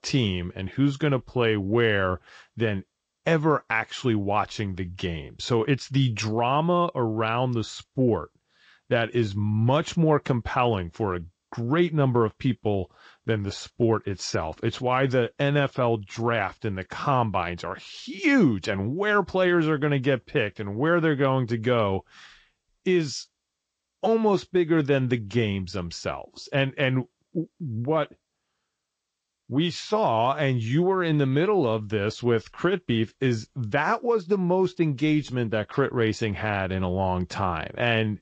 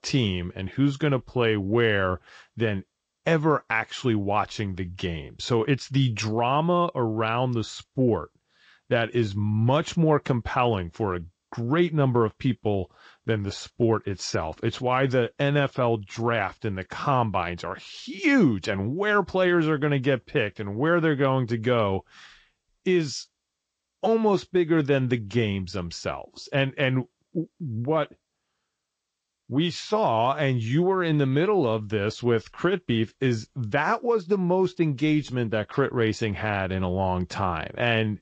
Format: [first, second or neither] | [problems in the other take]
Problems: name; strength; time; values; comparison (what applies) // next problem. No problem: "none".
neither | garbled, watery; slightly; the same in both